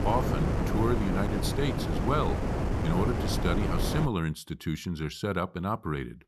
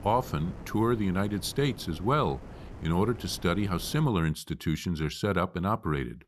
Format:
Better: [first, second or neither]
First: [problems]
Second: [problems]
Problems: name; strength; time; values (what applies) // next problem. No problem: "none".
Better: second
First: wind noise on the microphone; heavy; until 4 s; 1 dB below the speech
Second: wind noise on the microphone; occasional gusts; until 4 s; 20 dB below the speech